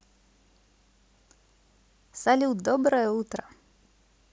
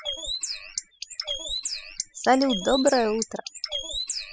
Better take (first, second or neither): first